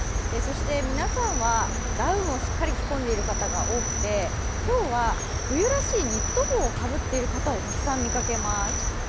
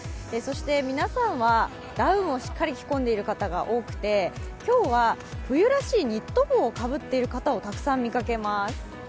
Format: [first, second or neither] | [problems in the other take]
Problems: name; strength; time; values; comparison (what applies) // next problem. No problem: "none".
second | background sound (Cricket); 1 dB above the speech